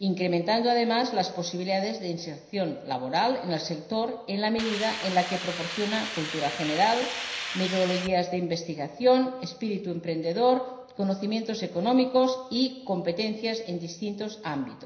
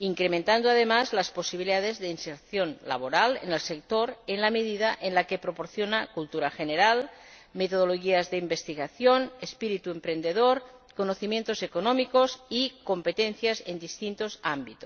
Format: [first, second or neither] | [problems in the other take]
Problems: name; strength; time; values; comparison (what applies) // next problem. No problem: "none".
second | background sound (Hiss); 7 dB below the speech // room echo; dies away in 0.9 s